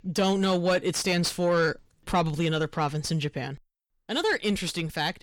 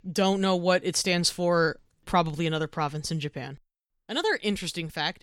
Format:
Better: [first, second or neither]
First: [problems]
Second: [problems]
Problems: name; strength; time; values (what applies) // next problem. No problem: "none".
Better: second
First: distortion; slight; 10 dB below the speech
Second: none